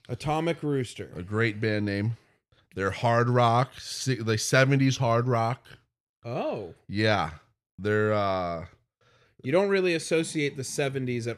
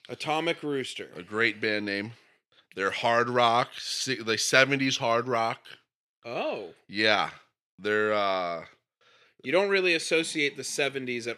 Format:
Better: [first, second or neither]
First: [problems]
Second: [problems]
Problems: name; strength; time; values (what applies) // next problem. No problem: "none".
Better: first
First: none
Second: thin; somewhat; fading below 250 Hz